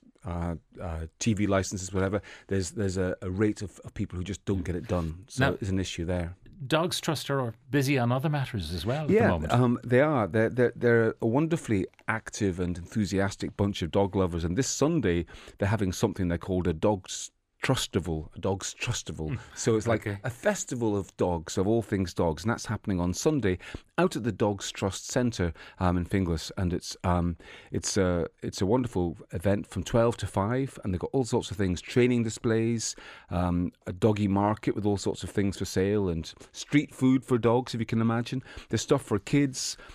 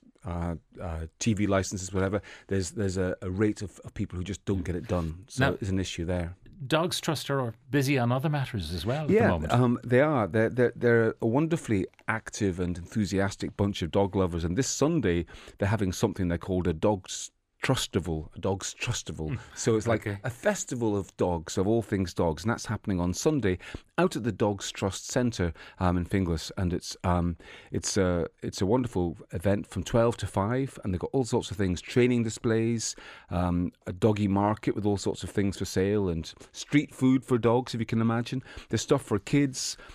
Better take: neither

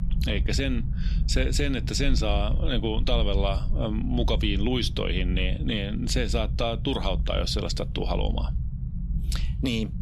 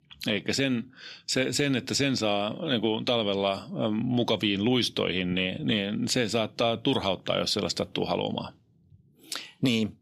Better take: second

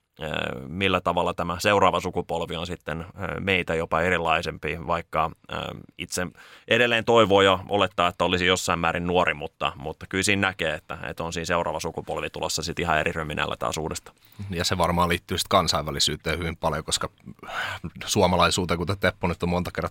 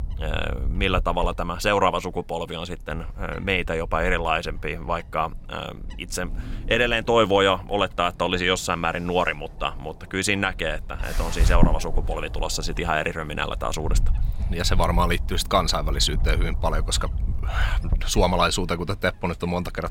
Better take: first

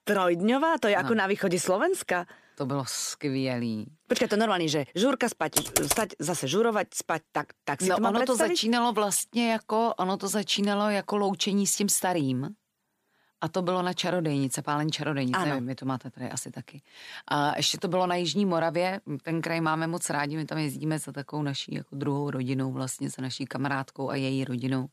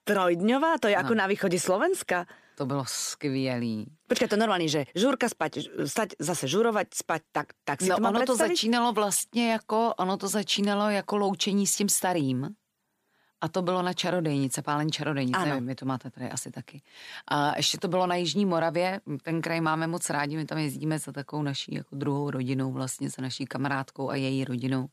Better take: second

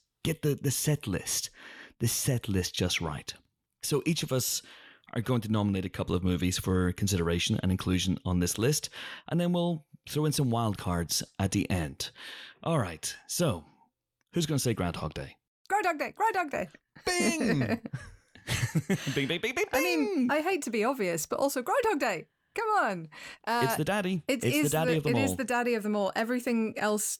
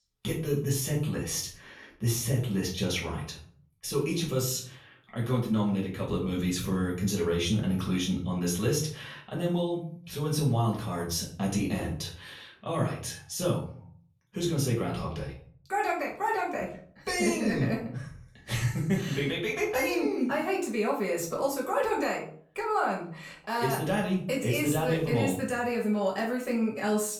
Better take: first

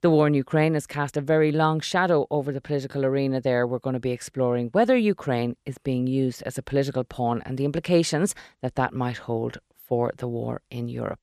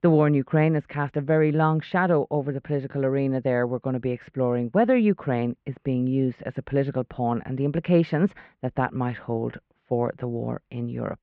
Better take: first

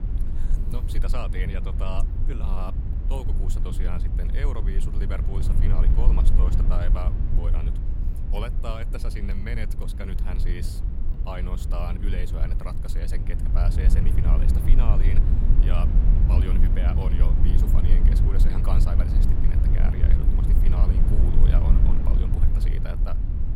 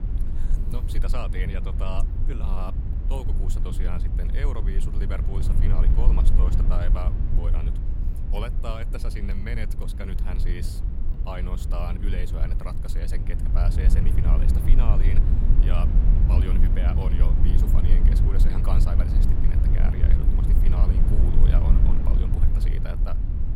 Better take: neither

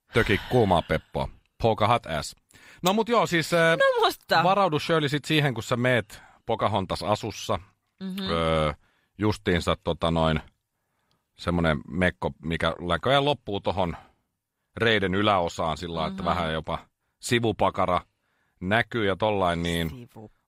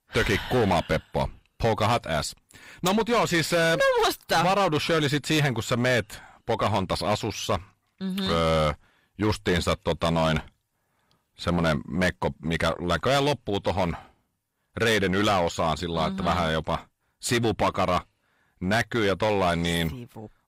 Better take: first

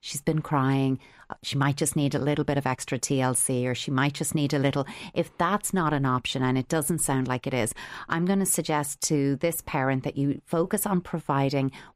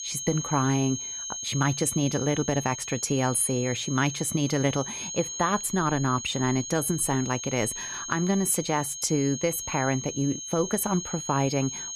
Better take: first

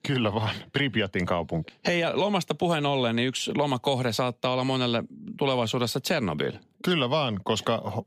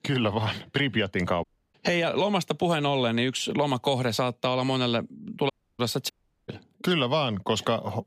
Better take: first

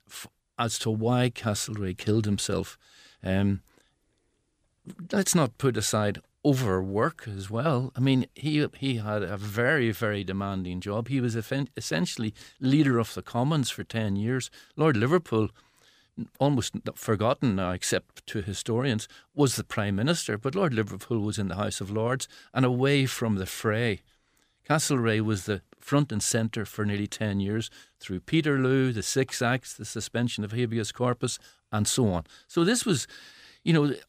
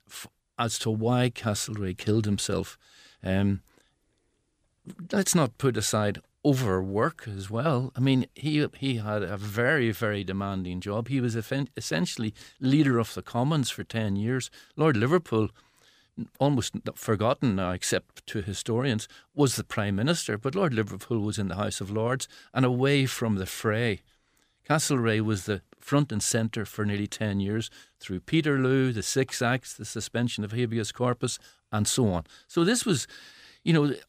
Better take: neither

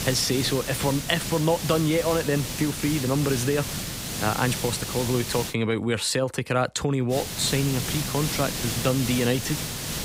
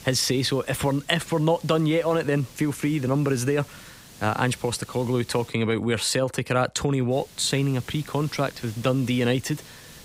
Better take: second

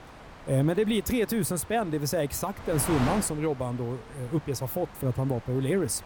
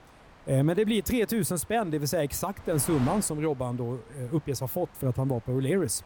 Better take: second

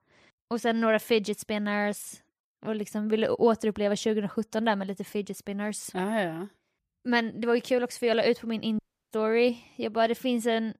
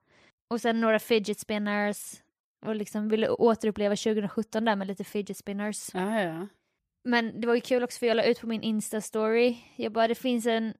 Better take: second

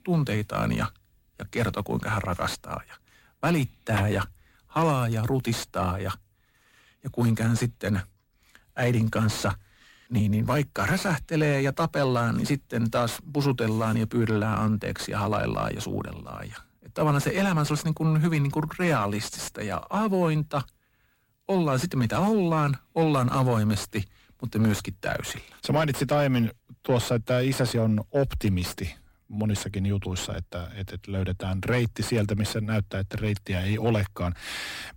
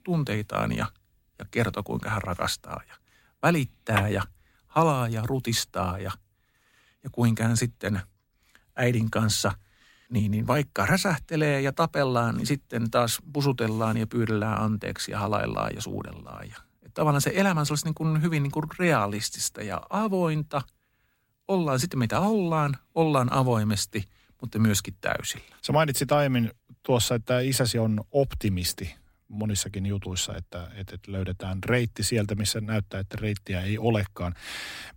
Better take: second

